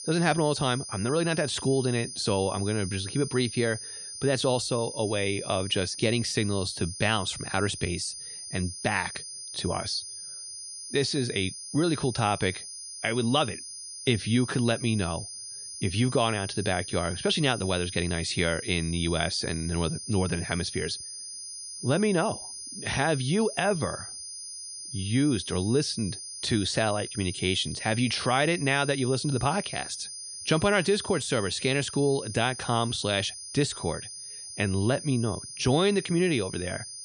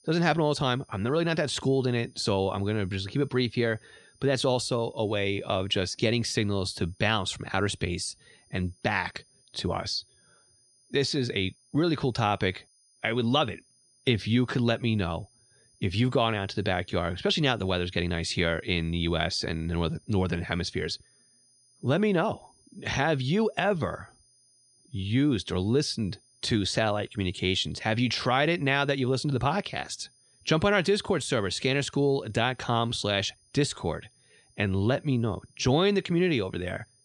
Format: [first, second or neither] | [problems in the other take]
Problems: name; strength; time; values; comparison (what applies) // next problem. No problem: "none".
second | high-pitched whine; loud; throughout; 9.5 kHz, 9 dB below the speech; faint in the second